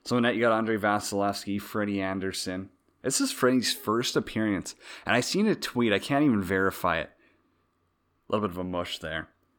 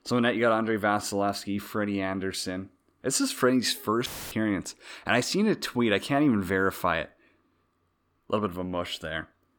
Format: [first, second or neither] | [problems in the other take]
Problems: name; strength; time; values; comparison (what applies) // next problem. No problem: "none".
first | audio cutting out; filled with static; at 4 s